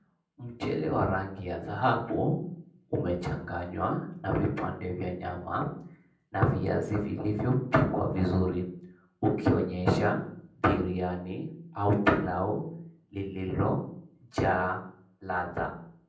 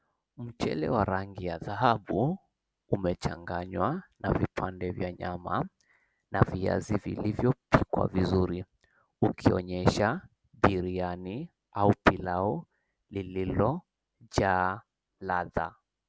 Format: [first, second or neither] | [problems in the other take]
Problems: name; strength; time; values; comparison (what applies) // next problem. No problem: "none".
second | room echo; dies away in 0.6 s